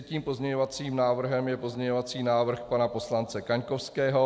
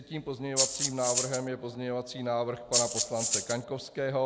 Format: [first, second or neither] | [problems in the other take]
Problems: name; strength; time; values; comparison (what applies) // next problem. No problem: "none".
first | background sound (Rattle (instrument)); 3 dB above the speech